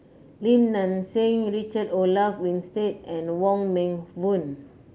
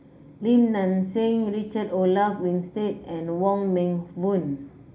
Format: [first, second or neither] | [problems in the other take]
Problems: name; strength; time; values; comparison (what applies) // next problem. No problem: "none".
first | room echo; dies away in 0.4 s